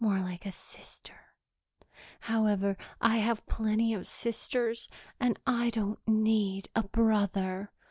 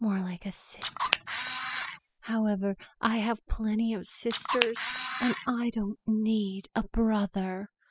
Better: first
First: none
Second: noise reduction (classical method spectral subtraction)

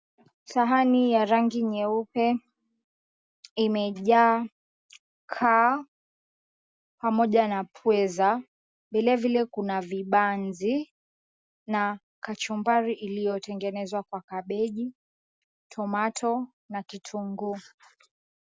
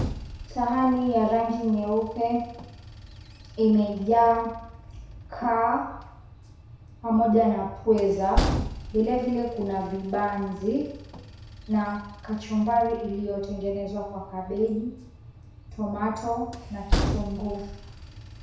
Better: first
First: none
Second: background sound (Train); 8 dB below the speech // room echo; dies away in 0.7 s

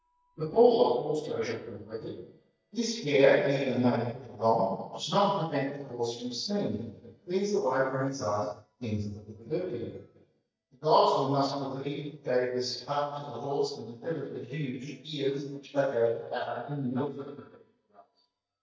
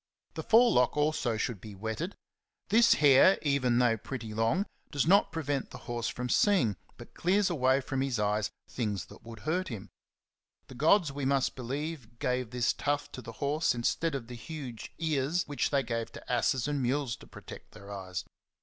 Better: second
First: noise reduction (neural mask model DeepFilterNet 3)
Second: none

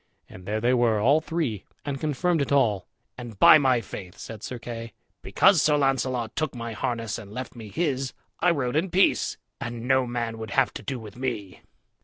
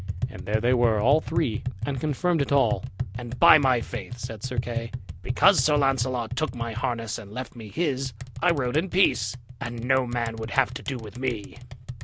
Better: first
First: none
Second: background sound (Tap); 7 dB below the speech

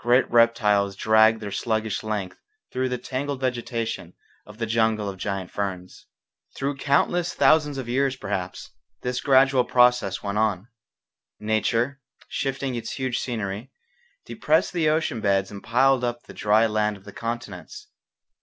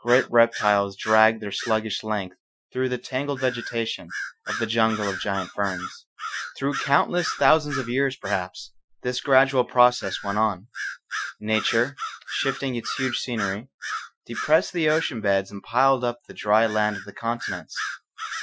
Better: first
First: none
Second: noise reduction (classical method Wiener filter)

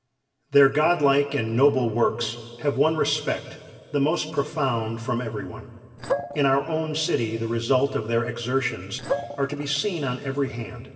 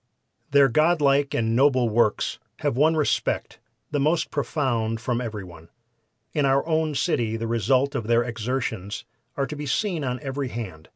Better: second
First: noise reduction (neural separator model SepFormer DNS4)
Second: none

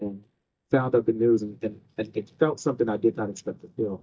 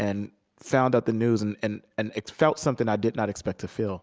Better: second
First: noise reduction (neural mask model DeepFilterNet 3)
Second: none

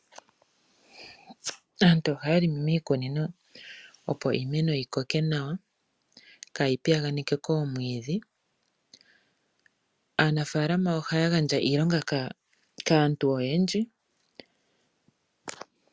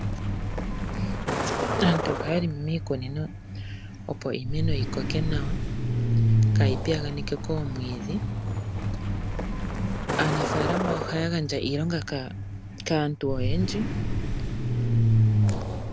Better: first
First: none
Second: background sound (Truck); 4 dB above the speech

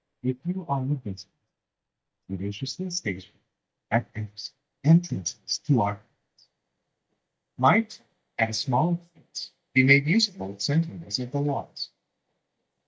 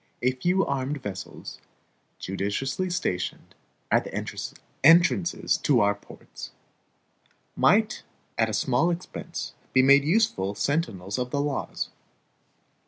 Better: second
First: noise reduction (neural mask model DeepFilterNet 3)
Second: none

